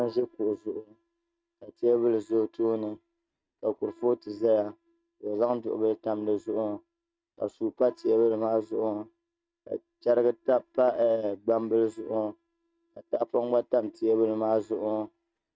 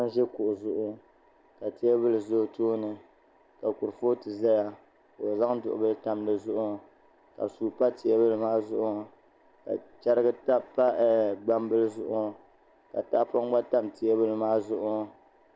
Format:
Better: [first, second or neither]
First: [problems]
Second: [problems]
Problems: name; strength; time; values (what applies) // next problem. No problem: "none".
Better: second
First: noise reduction (neural mask model RNNoise)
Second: none